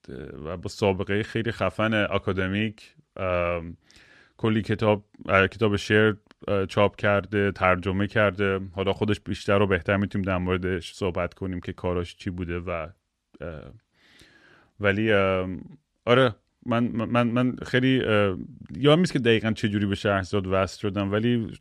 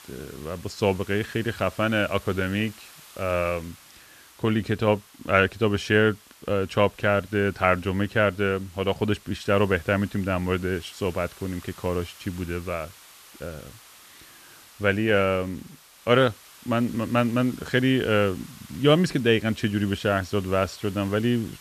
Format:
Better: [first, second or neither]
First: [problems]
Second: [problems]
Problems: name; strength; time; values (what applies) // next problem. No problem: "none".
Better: first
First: none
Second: hiss; faint; throughout; 20 dB below the speech